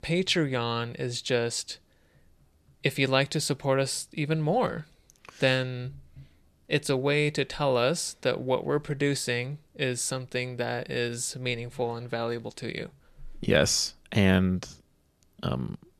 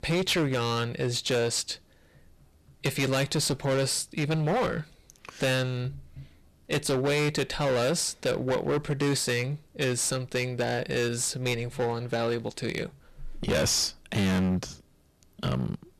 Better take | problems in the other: first | distortion; heavy; 15% of the sound clipped

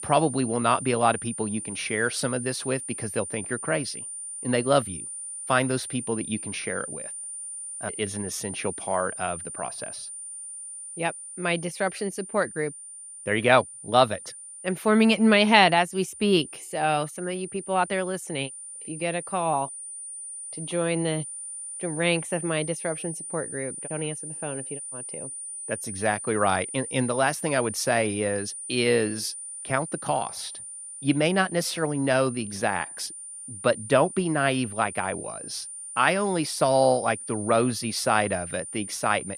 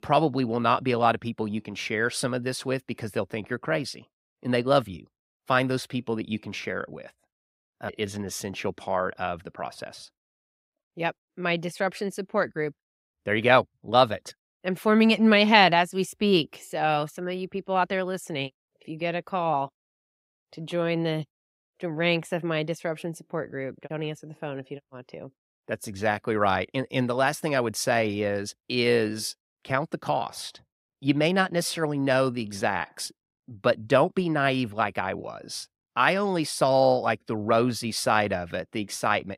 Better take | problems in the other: second | high-pitched whine; loud; throughout; 9.5 kHz, 9 dB below the speech

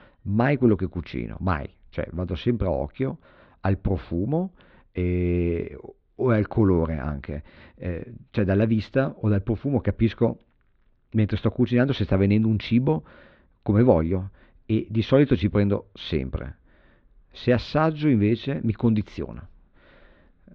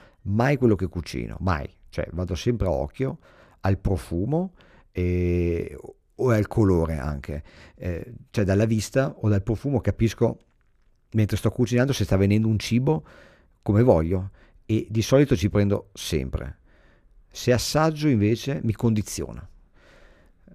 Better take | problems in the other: second | muffled; slightly; fading above 4 kHz

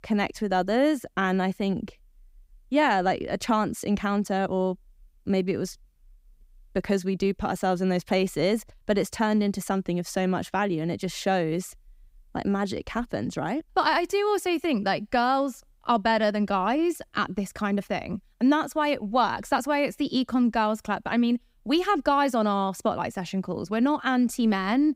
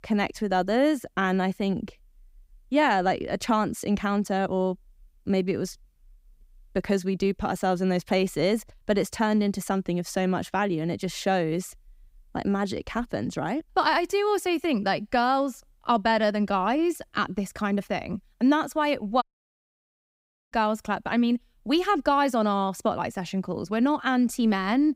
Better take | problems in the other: first | audio cutting out; at 19 s for 1.5 s

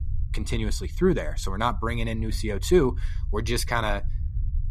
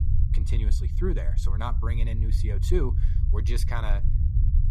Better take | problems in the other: first | low rumble; loud; throughout; 7 dB below the speech; faint in the first

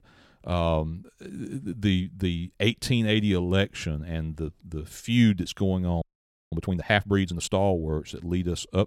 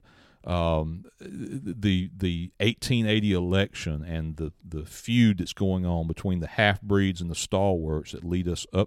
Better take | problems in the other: second | audio freezing; at 6 s for 0.5 s

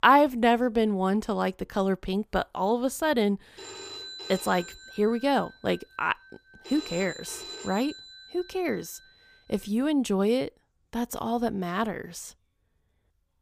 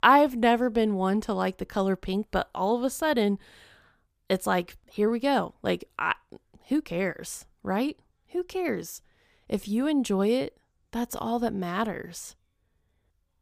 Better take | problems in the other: second | phone ringing; noticeable; from 3.5 to 9.5 s; peak 10 dB below the speech

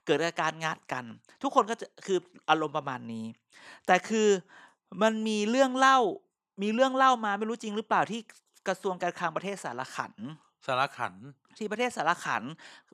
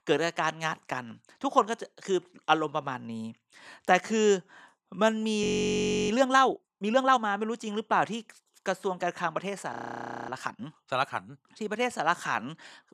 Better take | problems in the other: first | audio freezing; at 5.5 s for 0.5 s and at 9.5 s for 0.5 s

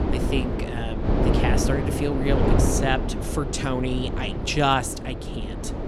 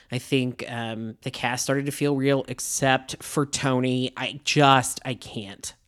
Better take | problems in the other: second | wind noise on the microphone; heavy; 3 dB below the speech

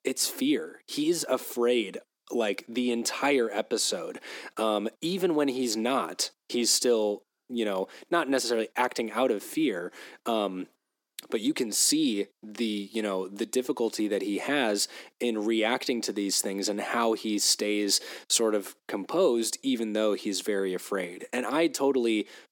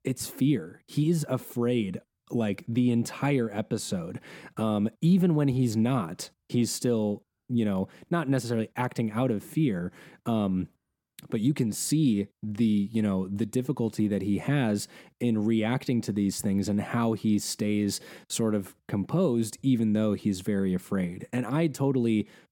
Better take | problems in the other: second | thin; somewhat; fading below 300 Hz

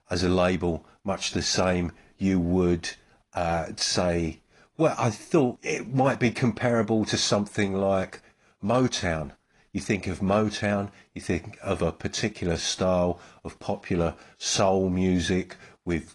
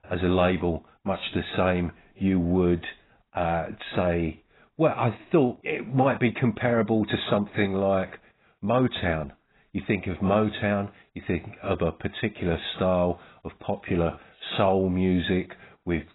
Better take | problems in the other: first | garbled, watery; badly; nothing above 4 kHz; slightly in the first

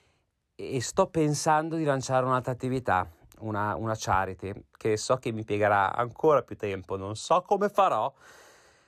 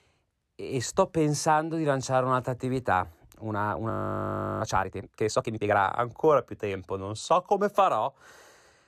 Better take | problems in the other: first | audio freezing; at 4 s for 0.5 s

